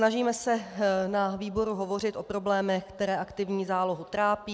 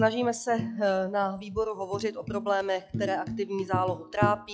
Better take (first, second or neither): first